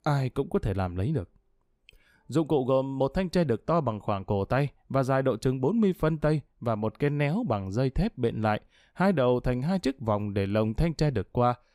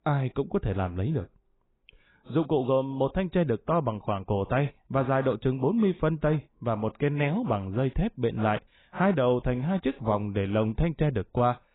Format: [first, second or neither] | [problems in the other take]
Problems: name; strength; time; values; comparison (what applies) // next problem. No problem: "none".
first | garbled, watery; badly; nothing above 4 kHz